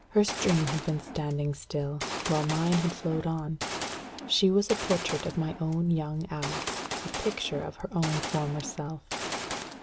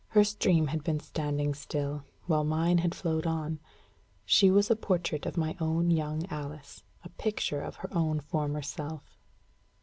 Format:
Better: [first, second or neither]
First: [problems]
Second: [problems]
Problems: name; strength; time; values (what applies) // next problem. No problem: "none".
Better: second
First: background sound (Gunshot, gunfire); 7 dB below the speech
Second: none